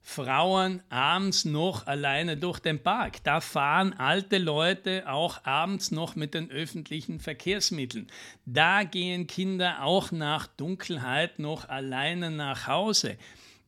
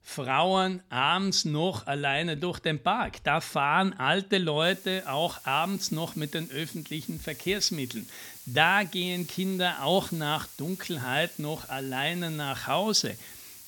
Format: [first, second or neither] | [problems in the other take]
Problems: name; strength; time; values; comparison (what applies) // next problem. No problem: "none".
first | hiss; noticeable; from 4.5 s on; 15 dB below the speech